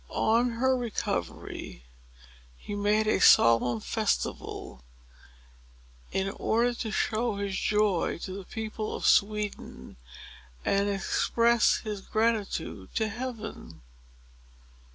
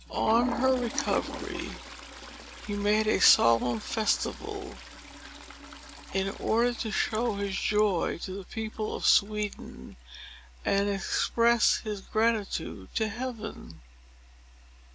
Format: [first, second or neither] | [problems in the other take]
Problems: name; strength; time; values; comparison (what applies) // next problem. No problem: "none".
first | background sound (Toilet flush); 15 dB below the speech